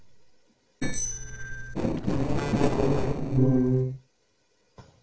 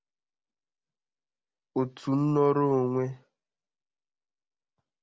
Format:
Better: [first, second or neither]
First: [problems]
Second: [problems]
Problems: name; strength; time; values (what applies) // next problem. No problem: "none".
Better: second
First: noise reduction (neural separator model SepFormer DNS4)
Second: none